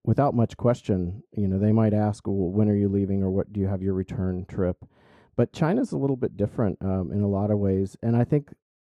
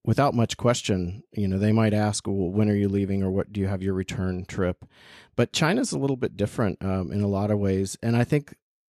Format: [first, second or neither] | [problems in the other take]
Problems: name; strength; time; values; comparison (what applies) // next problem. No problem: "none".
second | muffled; very; fading above 1.5 kHz